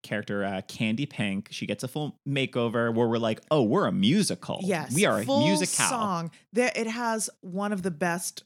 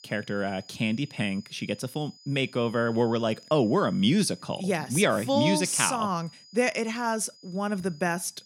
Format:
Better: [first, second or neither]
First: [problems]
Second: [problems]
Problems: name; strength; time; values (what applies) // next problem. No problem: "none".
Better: first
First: none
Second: high-pitched whine; faint; throughout; 5 kHz, 25 dB below the speech